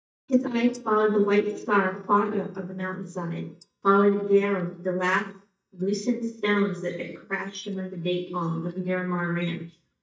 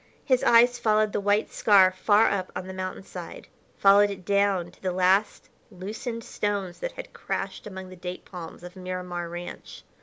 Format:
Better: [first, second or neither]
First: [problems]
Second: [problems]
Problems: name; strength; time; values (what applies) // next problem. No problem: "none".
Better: second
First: noise reduction (neural mask model DeepFilterNet 3)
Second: none